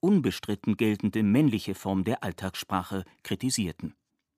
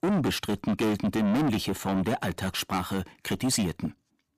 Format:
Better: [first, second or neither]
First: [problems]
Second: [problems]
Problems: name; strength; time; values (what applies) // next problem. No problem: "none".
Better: first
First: none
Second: distortion; heavy; 5 dB below the speech